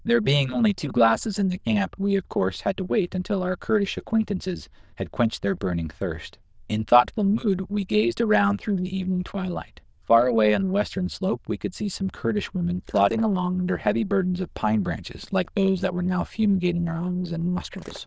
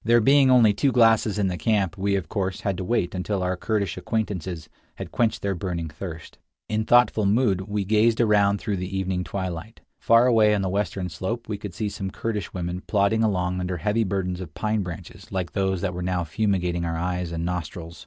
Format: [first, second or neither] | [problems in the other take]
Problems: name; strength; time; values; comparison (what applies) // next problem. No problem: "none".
second | noise reduction (neural diffusion model UNIVERSE++)